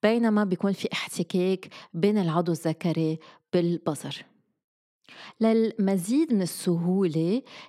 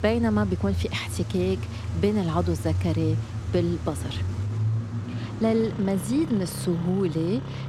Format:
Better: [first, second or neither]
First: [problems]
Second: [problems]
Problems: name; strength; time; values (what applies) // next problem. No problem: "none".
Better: first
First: none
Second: traffic noise; loud; throughout; 5 dB below the speech